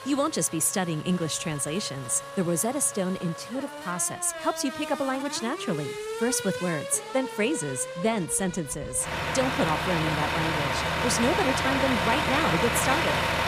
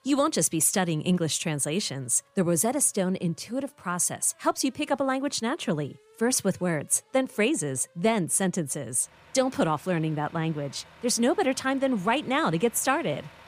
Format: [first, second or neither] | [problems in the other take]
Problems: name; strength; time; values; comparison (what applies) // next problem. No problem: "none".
second | traffic noise; loud; throughout; 2 dB below the speech; faint in the second